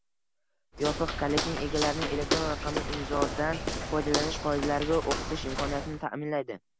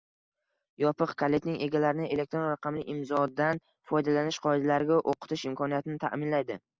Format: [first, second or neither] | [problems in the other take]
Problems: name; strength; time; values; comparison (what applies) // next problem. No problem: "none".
second | background sound (Walk, footsteps); 2 dB below the speech